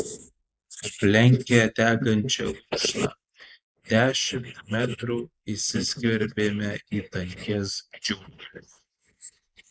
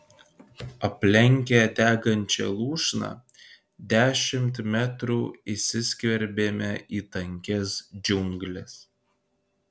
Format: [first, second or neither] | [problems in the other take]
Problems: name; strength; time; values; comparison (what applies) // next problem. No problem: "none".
second | noise reduction (neural mask model Resemble Enhance denoiser)